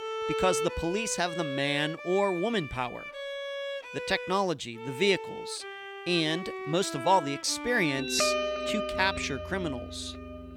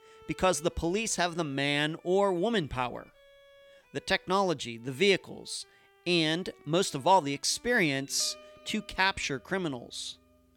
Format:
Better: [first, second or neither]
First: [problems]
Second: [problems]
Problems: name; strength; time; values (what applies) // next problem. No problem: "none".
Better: second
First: background music; loud; throughout; 6 dB below the speech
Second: background music; faint; throughout; 30 dB below the speech